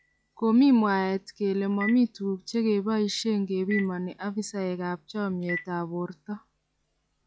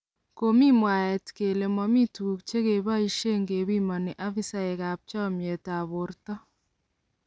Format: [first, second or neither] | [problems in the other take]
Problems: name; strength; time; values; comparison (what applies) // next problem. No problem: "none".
second | noise reduction (classical method log-MMSE)